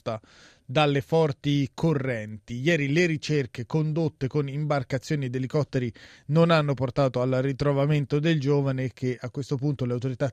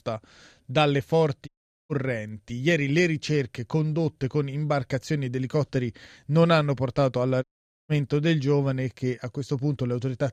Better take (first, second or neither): first